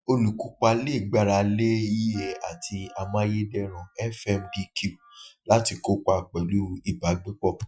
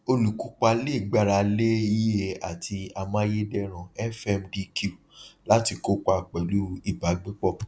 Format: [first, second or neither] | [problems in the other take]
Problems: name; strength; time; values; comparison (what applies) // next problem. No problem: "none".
second | noise reduction (classical method Wiener filter)